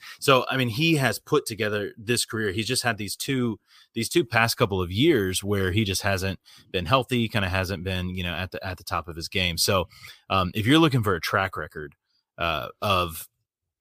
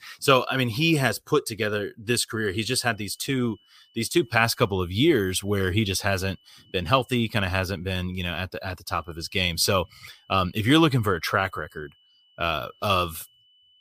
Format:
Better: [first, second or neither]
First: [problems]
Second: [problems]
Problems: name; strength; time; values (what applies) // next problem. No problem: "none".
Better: first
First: none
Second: high-pitched whine; faint; from 2.5 to 7.5 s and from 9 s on; 3 kHz, 35 dB below the speech